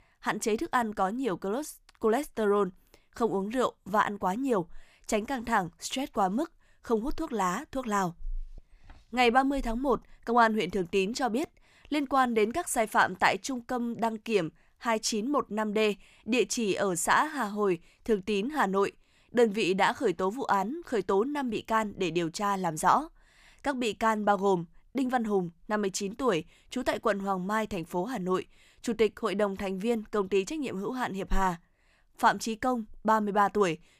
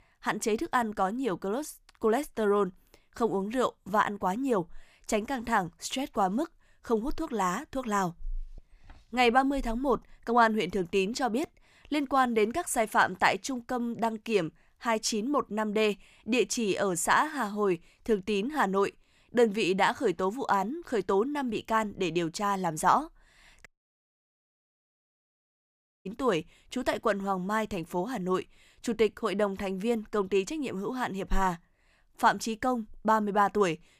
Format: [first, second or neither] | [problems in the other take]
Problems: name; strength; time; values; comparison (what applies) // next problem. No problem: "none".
first | audio cutting out; at 24 s for 2.5 s